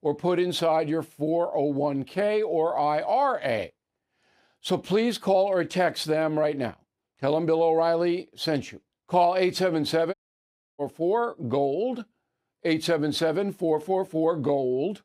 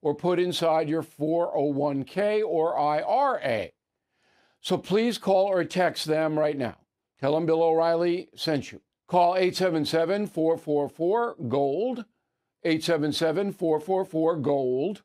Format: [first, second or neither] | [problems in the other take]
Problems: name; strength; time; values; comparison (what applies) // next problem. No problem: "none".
second | audio cutting out; at 10 s for 0.5 s